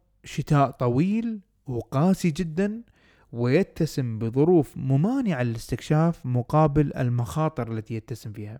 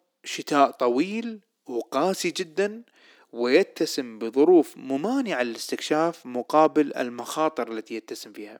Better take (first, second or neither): first